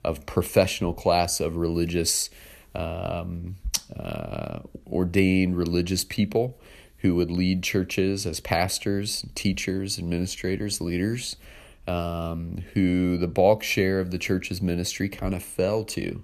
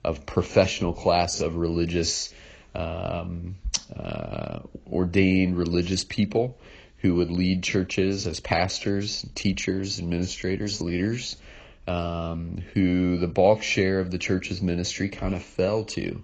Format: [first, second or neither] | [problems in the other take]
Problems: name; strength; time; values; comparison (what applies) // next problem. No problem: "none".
first | garbled, watery; badly; nothing above 7.5 kHz